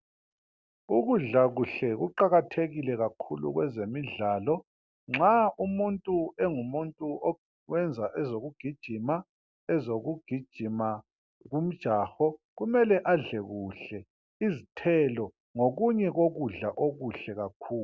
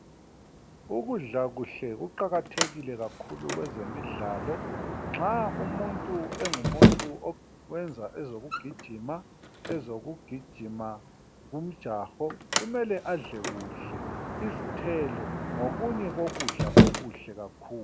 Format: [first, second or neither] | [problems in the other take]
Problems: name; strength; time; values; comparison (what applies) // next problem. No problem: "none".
first | background sound (Sliding door); 4 dB above the speech